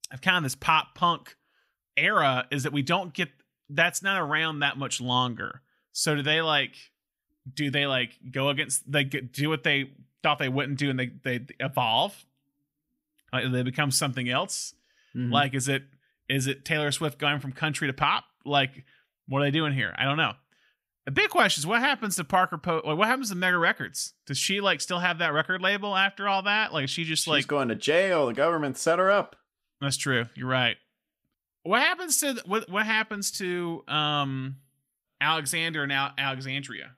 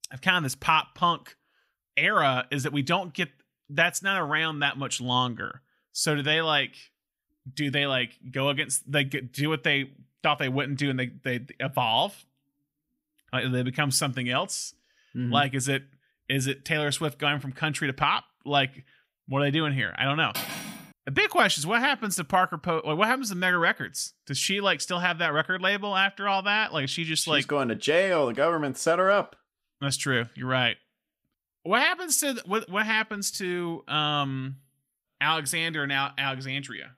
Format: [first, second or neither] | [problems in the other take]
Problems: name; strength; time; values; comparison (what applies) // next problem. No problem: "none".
first | clattering dishes; noticeable; at 20 s; peak 6 dB below the speech